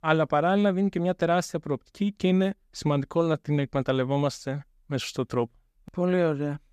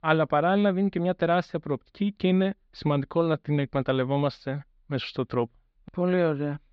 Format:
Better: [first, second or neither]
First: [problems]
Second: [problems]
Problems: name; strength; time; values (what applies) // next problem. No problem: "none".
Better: first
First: none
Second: muffled; very slightly; fading above 4 kHz